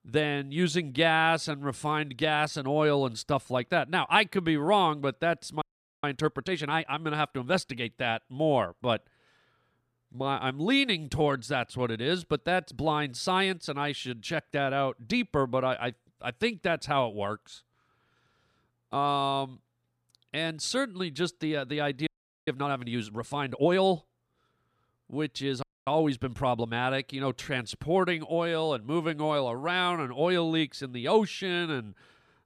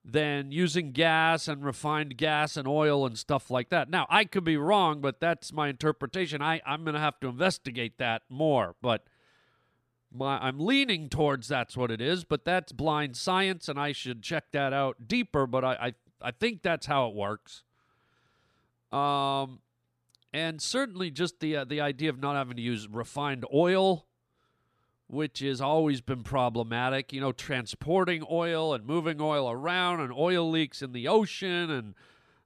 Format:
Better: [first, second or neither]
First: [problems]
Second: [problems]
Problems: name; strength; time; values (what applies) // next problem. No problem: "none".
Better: second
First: audio freezing; at 5.5 s, at 22 s and at 26 s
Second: none